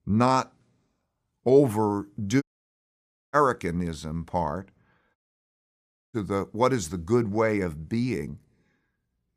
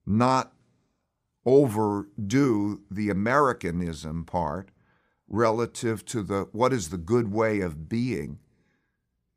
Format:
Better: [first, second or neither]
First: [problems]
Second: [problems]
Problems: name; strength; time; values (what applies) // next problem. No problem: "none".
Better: second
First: audio cutting out; at 2.5 s for 1 s and at 5 s for 1 s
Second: none